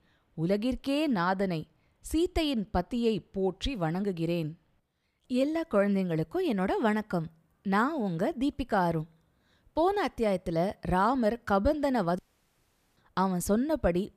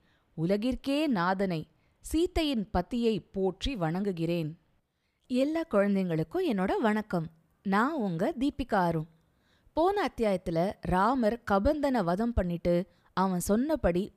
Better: second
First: audio cutting out; at 12 s for 1 s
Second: none

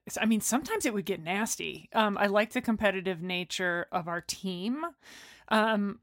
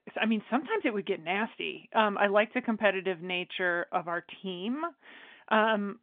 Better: first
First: none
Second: phone-call audio; nothing above 3.5 kHz

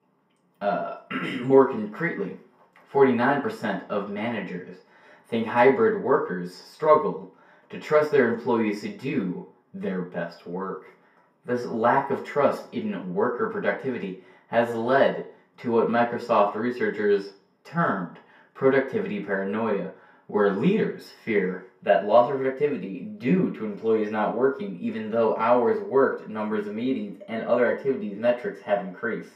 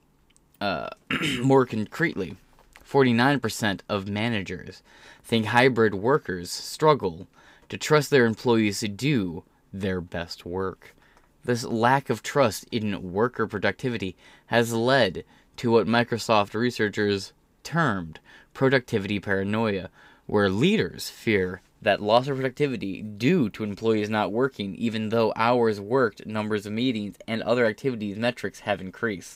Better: second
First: room echo; slight; dies away in 0.4 s // off-mic speech; far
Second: none

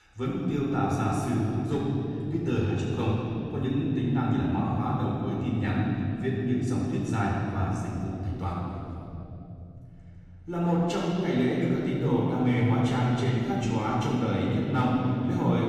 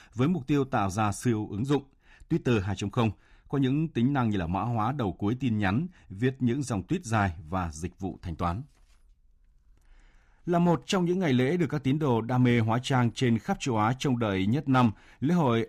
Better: second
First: off-mic speech; far // room echo; strong; dies away in 3 s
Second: none

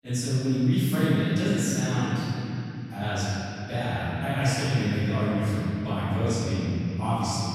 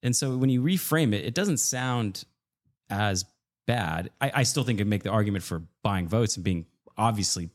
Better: second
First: off-mic speech; far // room echo; strong; dies away in 3 s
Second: none

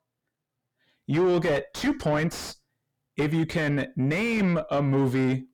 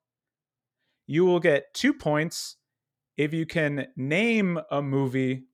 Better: second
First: distortion; heavy; 6 dB below the speech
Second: none

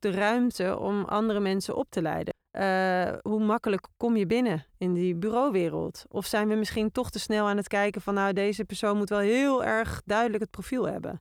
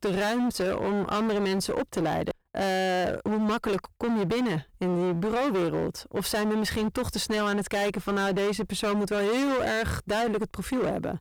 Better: first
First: none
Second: distortion; heavy; 28% of the sound clipped

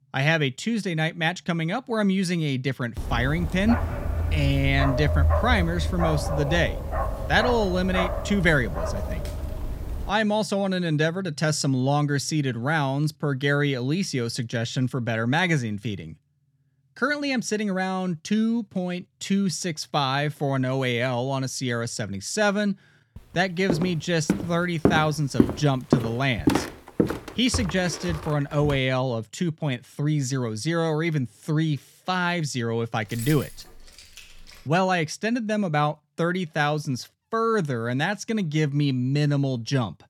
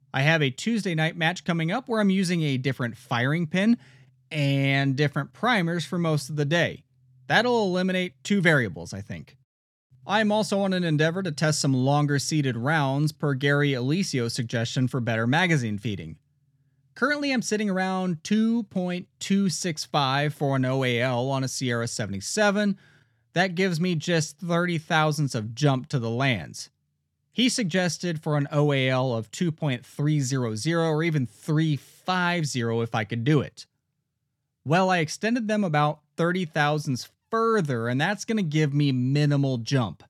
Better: second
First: dog barking; loud; from 3 to 10 s; peak 3 dB above the speech // footsteps; loud; from 24 to 29 s; peak 1 dB above the speech // jangling keys; faint; from 33 to 35 s; peak 10 dB below the speech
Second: none

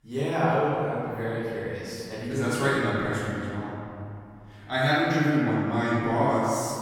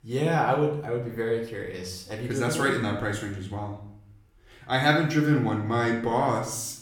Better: second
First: room echo; strong; dies away in 2.5 s // off-mic speech; far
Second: room echo; slight; dies away in 0.6 s // off-mic speech; far

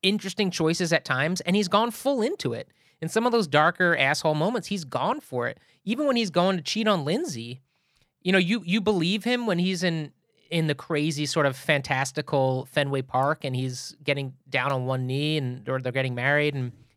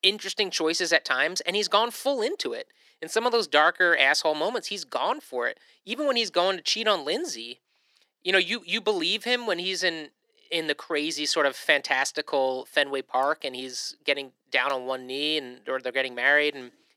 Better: first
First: none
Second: thin; somewhat; fading below 300 Hz

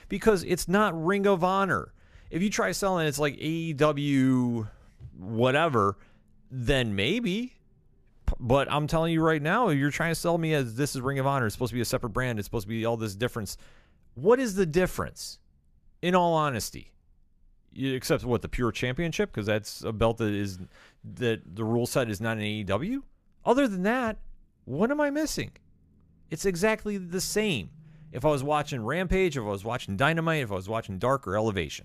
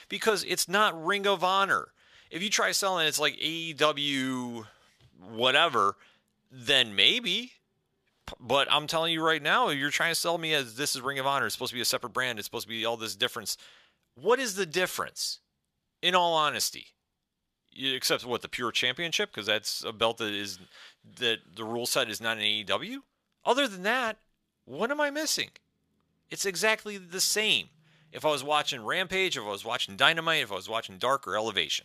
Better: first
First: none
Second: thin; somewhat; fading below 1 kHz

